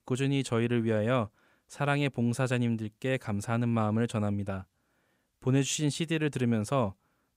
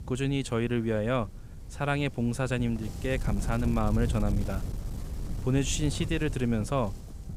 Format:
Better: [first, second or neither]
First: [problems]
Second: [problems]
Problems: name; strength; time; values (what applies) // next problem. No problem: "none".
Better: first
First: none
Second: wind noise on the microphone; occasional gusts; 15 dB below the speech